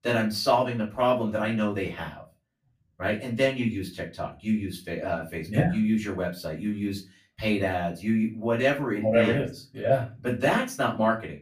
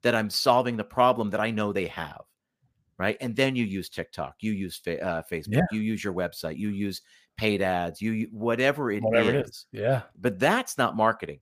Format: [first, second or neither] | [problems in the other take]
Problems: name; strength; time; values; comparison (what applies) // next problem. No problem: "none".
second | off-mic speech; far // room echo; very slight; dies away in 0.2 s